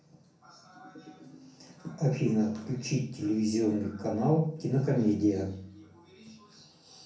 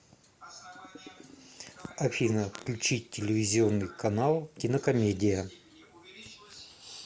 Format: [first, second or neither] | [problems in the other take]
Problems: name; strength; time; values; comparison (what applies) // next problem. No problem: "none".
second | room echo; dies away in 0.5 s